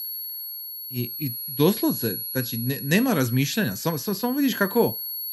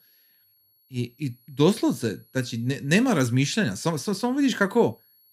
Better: second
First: high-pitched whine; loud; throughout; 11.5 kHz, 6 dB below the speech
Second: high-pitched whine; faint; throughout; 11.5 kHz, 35 dB below the speech

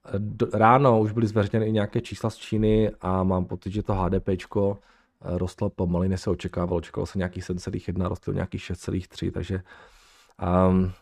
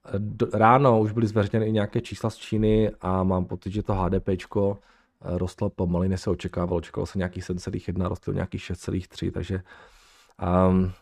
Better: neither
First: muffled; slightly; fading above 2 kHz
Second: muffled; slightly; fading above 2 kHz

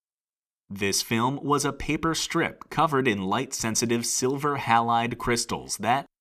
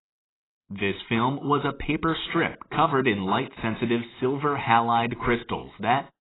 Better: first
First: none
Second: garbled, watery; badly; nothing above 4 kHz

